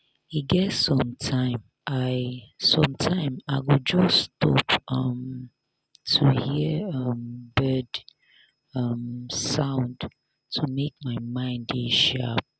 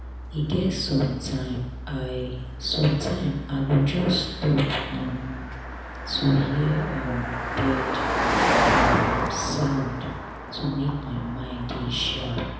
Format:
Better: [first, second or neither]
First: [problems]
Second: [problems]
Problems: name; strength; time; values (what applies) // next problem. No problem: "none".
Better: first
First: none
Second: background sound (Car passing by); 2 dB below the speech // room echo; dies away in 0.9 s